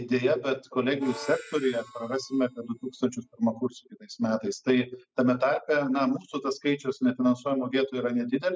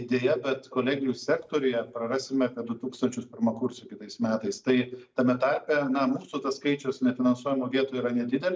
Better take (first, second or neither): second